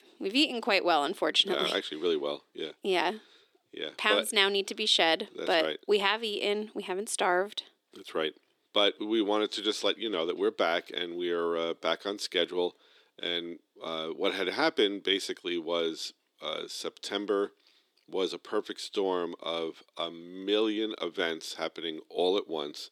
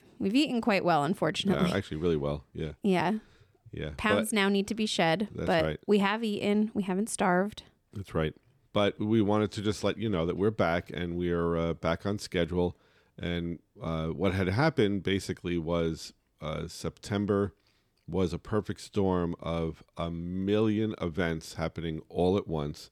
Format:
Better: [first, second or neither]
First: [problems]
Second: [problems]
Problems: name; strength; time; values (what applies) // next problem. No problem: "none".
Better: second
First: thin; somewhat; fading below 300 Hz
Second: none